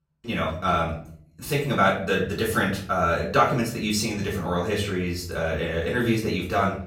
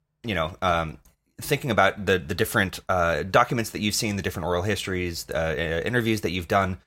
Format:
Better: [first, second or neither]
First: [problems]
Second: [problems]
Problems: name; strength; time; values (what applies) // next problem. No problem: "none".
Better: second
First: off-mic speech; far // room echo; slight; dies away in 0.5 s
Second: none